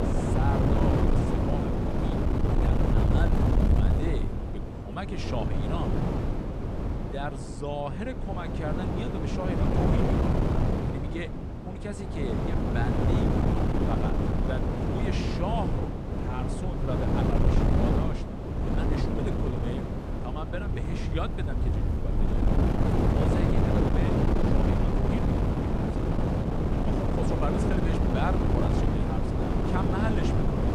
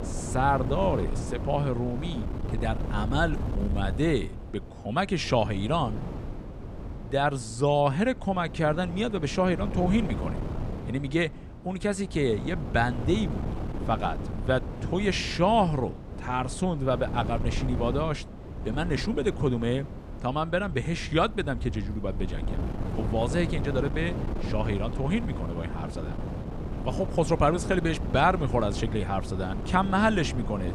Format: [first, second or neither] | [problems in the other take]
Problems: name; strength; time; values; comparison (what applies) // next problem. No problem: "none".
second | wind noise on the microphone; heavy; 4 dB above the speech; occasional gusts in the second